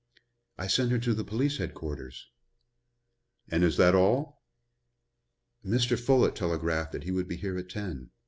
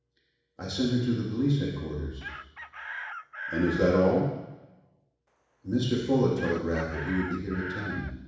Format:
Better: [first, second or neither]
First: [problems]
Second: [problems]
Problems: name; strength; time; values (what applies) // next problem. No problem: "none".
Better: first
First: none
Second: background sound (Chicken, rooster); 13 dB below the speech // room echo; dies away in 1.1 s